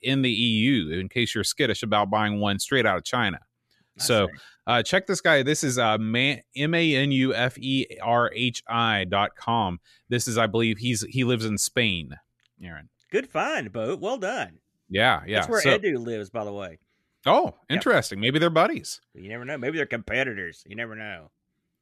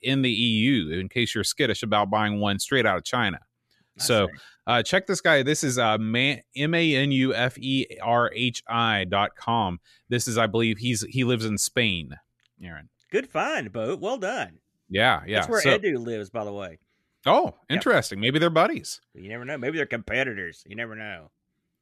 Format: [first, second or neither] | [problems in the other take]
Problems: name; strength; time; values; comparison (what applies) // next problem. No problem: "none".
neither | none